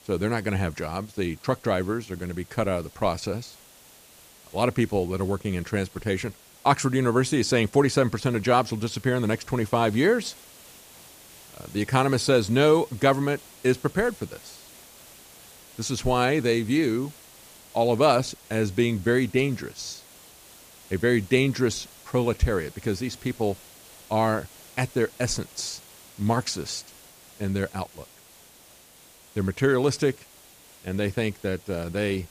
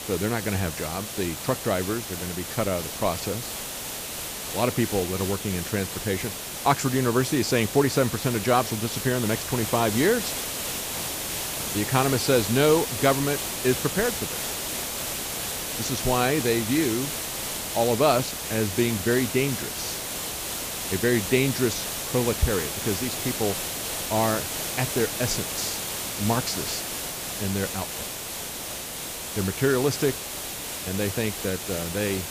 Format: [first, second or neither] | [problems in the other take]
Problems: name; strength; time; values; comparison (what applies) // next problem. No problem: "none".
first | hiss; loud; throughout; 3 dB below the speech; faint in the first